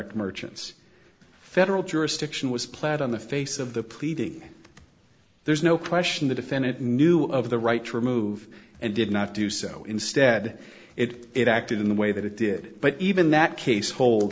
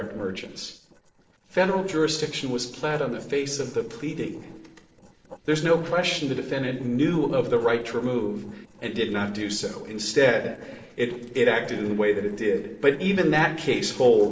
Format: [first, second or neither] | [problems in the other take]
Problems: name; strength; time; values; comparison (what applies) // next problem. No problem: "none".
first | noise reduction (neural separator model SepFormer DNS4)